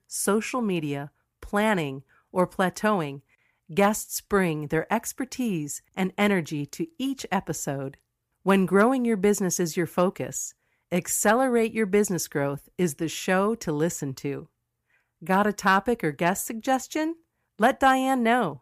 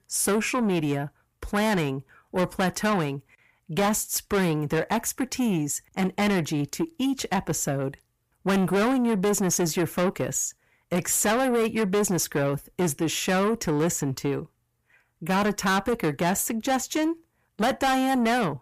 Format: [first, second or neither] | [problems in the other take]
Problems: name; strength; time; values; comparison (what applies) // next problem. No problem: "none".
first | distortion; heavy; 7 dB below the speech